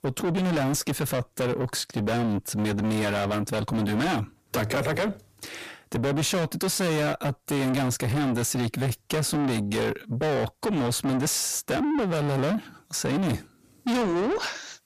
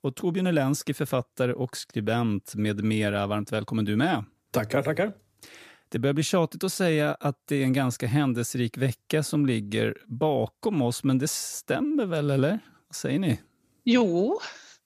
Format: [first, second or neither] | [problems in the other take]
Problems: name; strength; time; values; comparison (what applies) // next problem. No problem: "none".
second | distortion; heavy; 5 dB below the speech